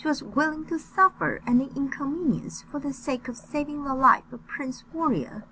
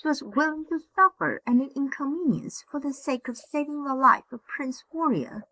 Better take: first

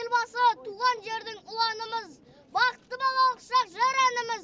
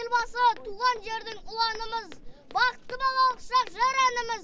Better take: first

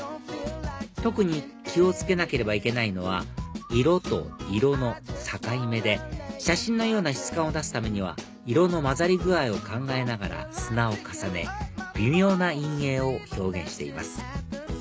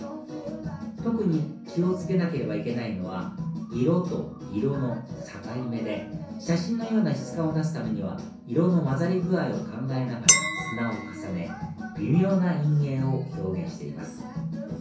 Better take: first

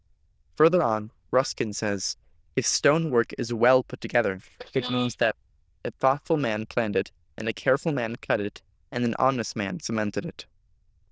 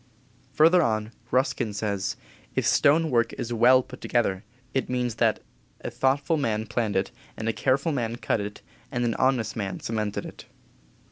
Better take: second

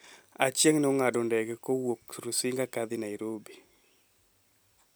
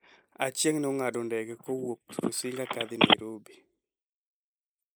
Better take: first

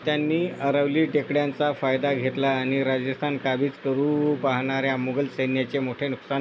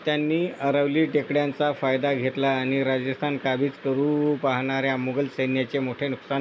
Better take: second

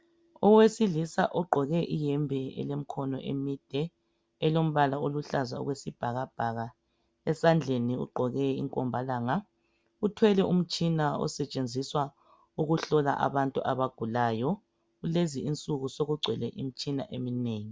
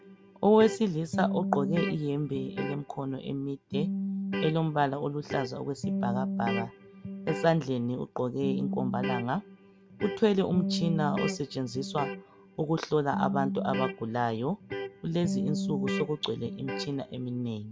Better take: first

